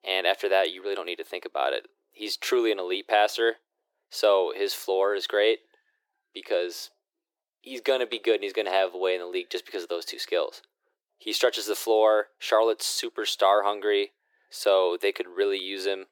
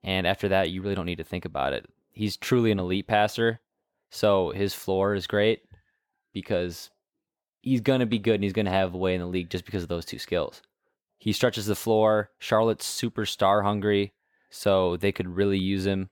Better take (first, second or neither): second